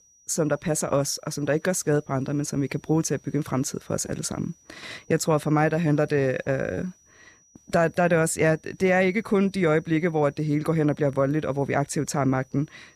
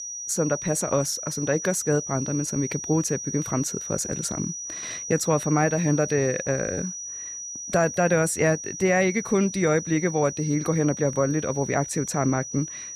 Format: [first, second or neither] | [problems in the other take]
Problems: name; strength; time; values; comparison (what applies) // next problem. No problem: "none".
first | high-pitched whine; loud; throughout; 6 kHz, 7 dB below the speech; faint in the first